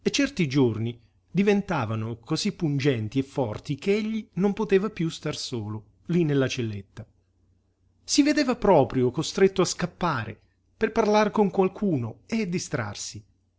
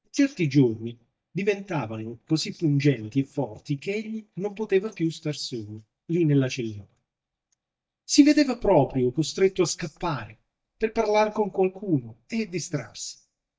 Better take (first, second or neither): first